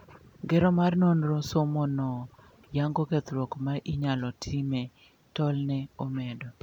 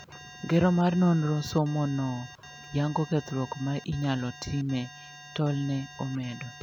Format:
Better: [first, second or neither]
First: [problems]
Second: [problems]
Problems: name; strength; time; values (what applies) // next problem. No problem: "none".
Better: first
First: none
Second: background sound (Alarm); 19 dB below the speech